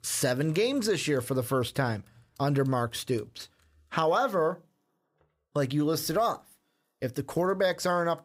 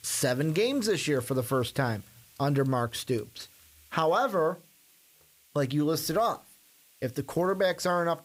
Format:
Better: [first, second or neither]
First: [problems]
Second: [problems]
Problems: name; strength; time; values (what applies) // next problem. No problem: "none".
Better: first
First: none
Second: hiss; faint; throughout; 25 dB below the speech